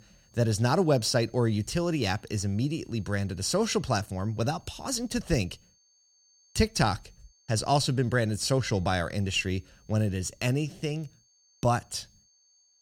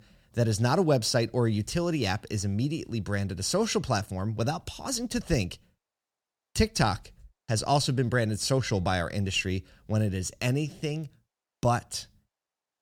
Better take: second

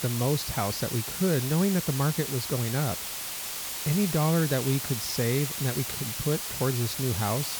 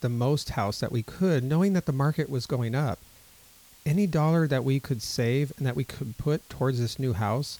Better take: second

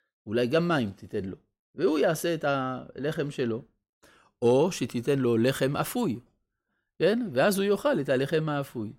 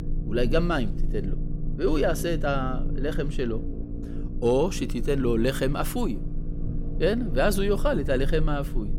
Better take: first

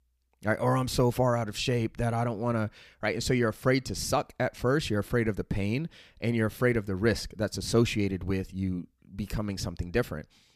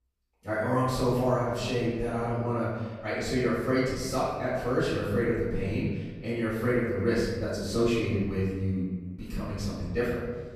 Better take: first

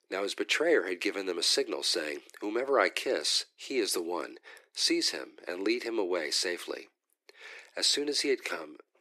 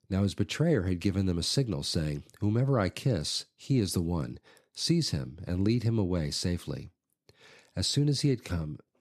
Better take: second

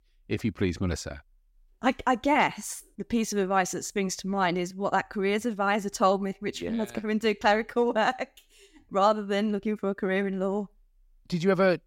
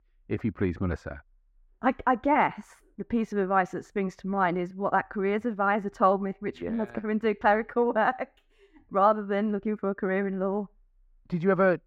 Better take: first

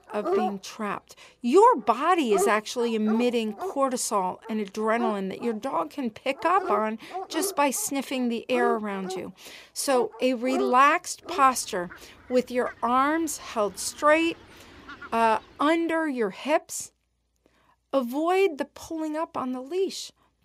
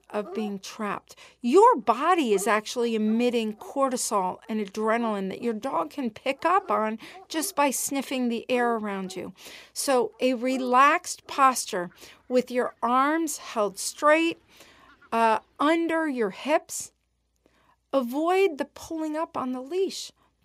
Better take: second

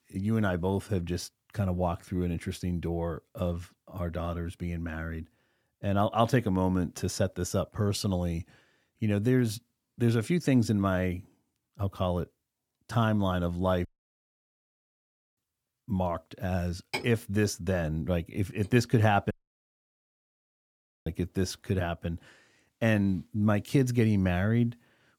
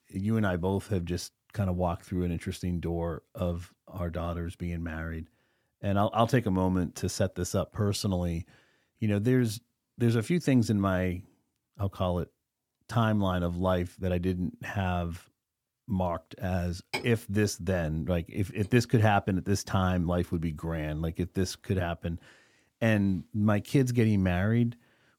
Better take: second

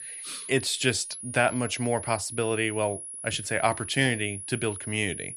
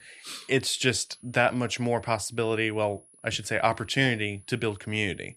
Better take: second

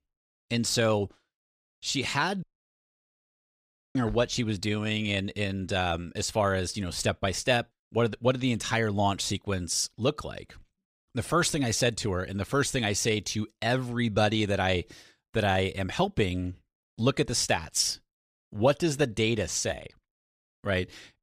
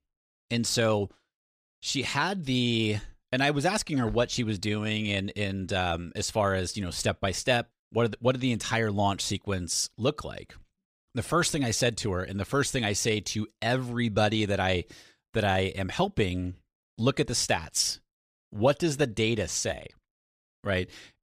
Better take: second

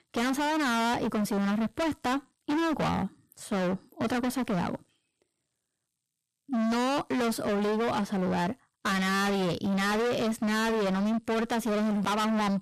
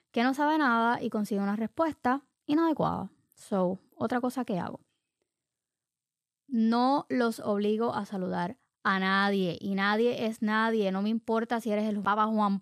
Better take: second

